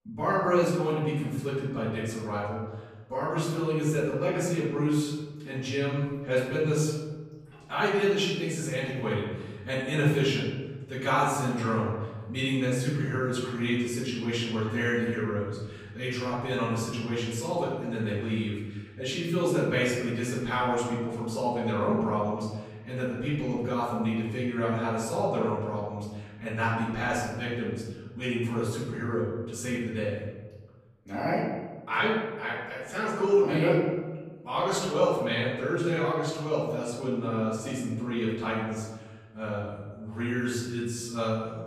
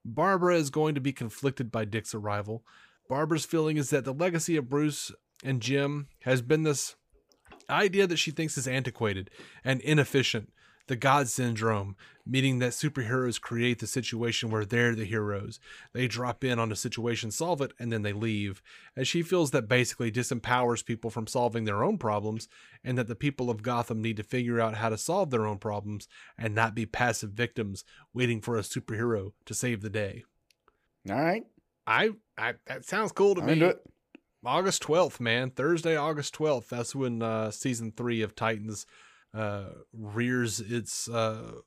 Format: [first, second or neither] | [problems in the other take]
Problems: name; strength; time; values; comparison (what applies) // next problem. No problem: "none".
second | off-mic speech; far // room echo; noticeable; dies away in 1.2 s